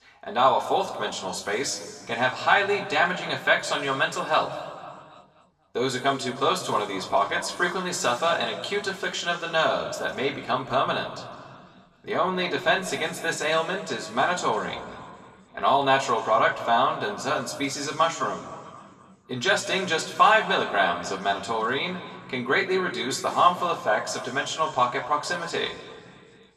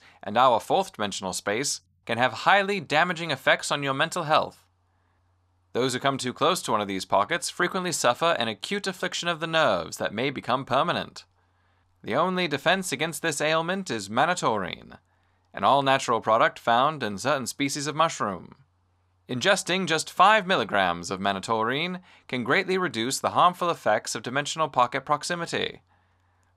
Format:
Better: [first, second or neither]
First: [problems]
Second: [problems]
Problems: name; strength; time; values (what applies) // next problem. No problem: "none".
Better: second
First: room echo; slight; dies away in 1.9 s // off-mic speech; far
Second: none